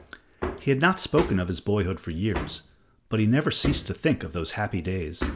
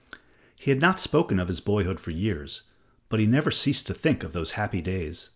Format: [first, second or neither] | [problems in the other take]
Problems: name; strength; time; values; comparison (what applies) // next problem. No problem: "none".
second | background sound (Hammer); 10 dB below the speech